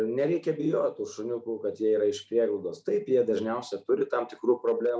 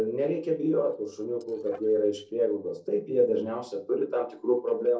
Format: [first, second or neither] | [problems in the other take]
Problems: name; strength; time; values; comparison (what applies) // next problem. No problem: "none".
first | noise reduction (neural separator model SepFormer DNS4)